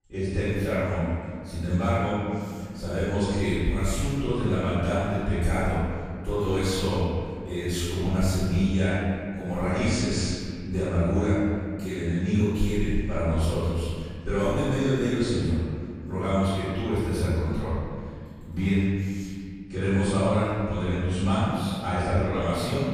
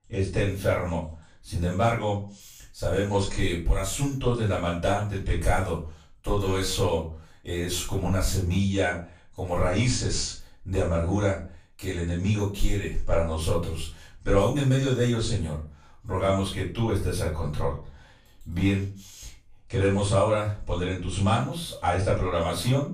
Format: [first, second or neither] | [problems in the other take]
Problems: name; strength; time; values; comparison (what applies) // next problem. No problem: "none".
second | room echo; strong; dies away in 2.3 s; slight in the second // off-mic speech; far; far in the second